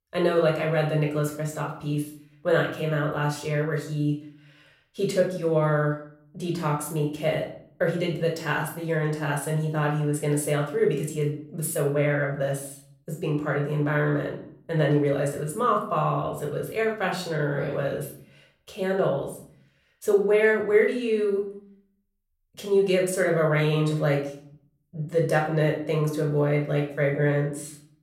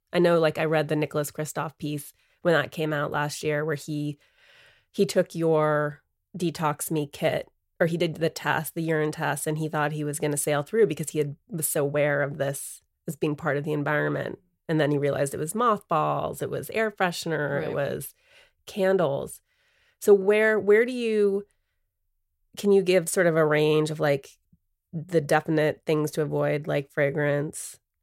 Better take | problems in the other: second | off-mic speech; somewhat distant // room echo; slight; dies away in 0.5 s

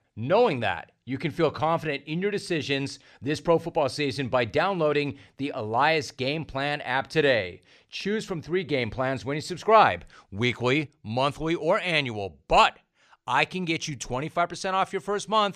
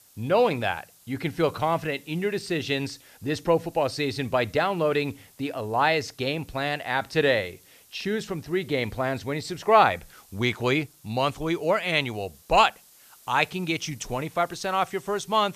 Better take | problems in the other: first | hiss; faint; throughout; 25 dB below the speech

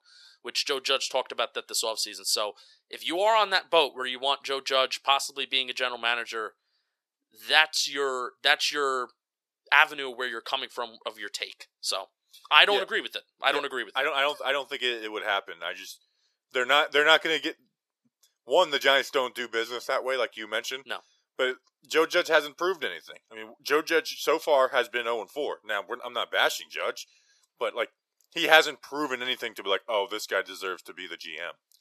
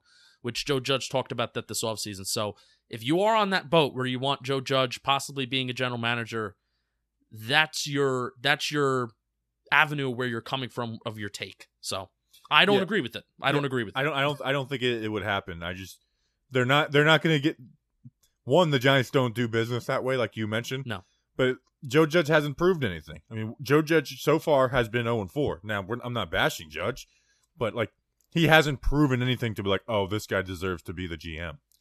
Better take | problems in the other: second | thin; very; fading below 450 Hz

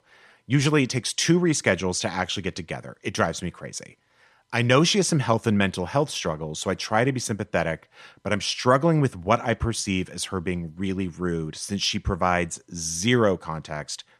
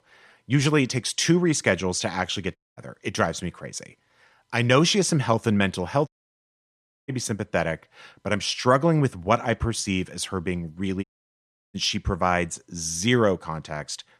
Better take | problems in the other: first | audio cutting out; at 2.5 s, at 6 s for 1 s and at 11 s for 0.5 s

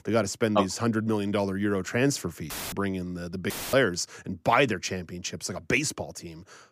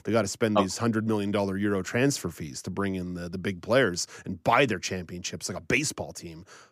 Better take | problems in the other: second | audio cutting out; filled with static; at 2.5 s and at 3.5 s

